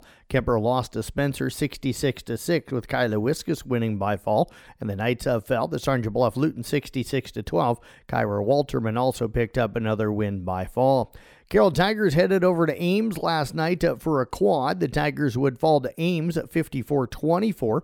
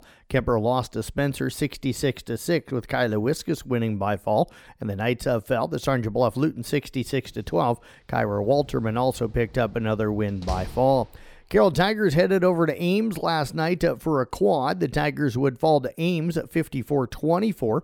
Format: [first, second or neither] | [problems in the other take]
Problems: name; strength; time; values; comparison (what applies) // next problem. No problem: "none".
first | door banging; noticeable; from 8.5 to 11 s; peak 9 dB below the speech